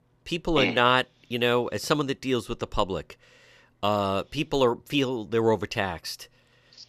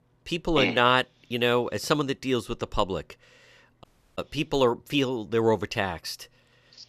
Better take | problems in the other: first | audio cutting out; at 4 s

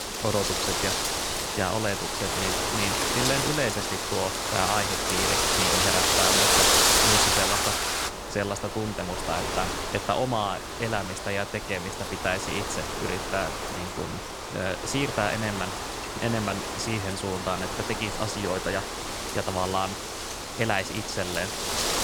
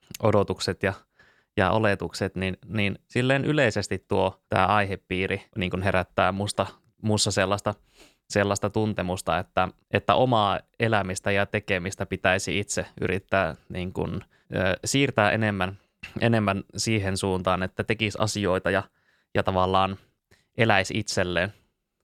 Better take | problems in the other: second | wind noise on the microphone; heavy; 4 dB above the speech

